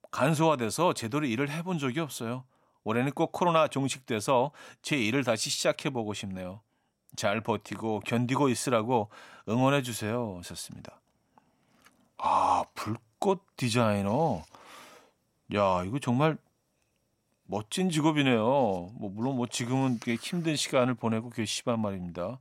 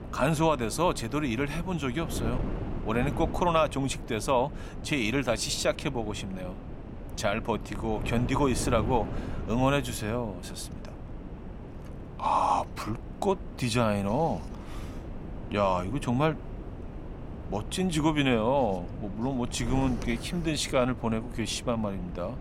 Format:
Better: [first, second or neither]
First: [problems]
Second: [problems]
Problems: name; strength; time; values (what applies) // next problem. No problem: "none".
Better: first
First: none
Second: wind noise on the microphone; occasional gusts; 15 dB below the speech